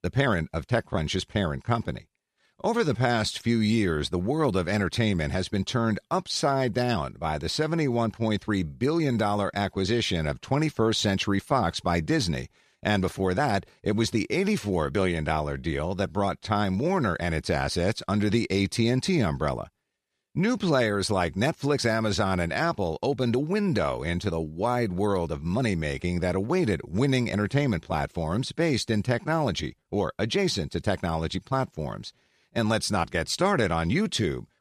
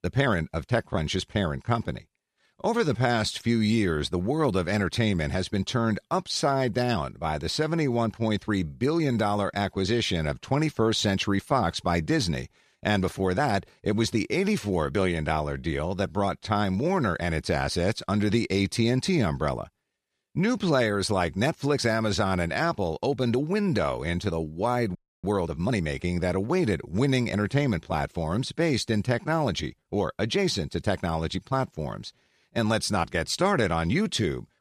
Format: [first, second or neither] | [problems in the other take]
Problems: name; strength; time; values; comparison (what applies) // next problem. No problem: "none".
first | audio freezing; at 25 s